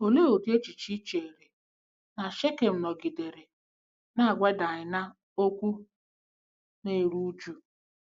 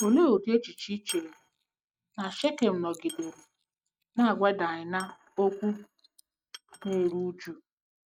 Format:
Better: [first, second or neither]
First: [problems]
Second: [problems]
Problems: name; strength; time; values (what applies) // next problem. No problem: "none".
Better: first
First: none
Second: noise reduction (neural mask model RNNoise)